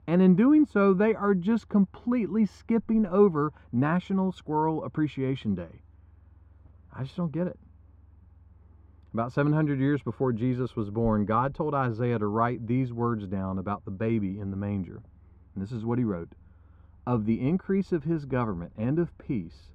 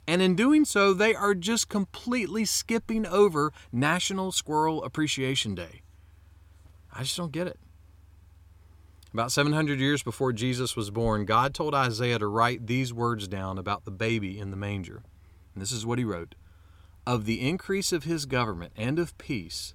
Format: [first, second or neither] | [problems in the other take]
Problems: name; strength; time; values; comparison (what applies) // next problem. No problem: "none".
second | muffled; very; fading above 3.5 kHz